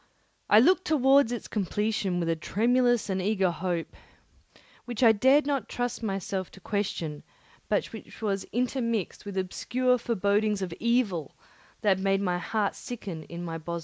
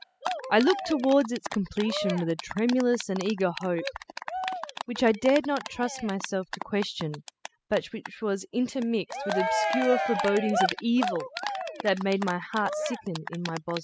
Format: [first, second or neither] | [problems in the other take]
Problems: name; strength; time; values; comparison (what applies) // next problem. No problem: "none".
first | noise reduction (classical method spectral subtraction)